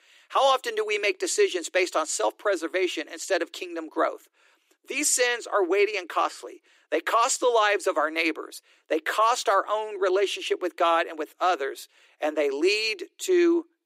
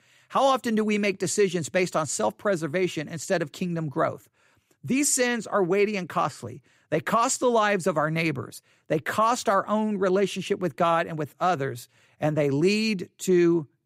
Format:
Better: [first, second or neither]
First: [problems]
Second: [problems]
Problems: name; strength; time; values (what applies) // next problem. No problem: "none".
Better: second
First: thin; very; fading below 300 Hz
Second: none